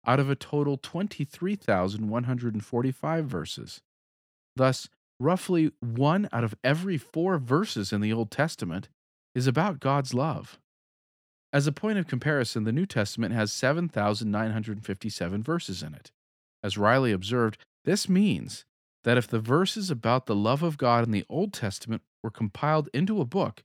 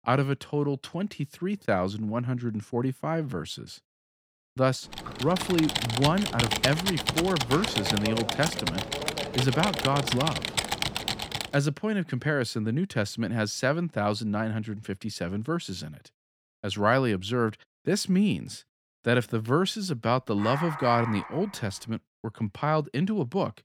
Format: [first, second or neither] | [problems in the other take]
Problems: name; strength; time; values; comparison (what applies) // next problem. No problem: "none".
first | keyboard typing; loud; from 5 to 11 s; peak 3 dB above the speech // dog barking; noticeable; from 20 to 22 s; peak 5 dB below the speech